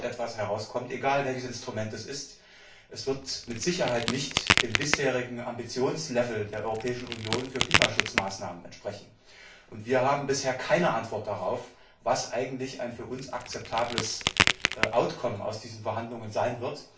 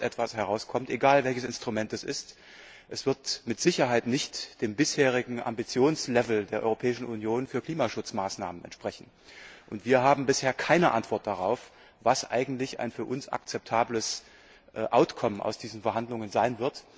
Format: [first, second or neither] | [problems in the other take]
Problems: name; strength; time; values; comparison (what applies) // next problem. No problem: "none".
second | background sound (Crack); 1 dB above the speech // room echo; dies away in 0.3 s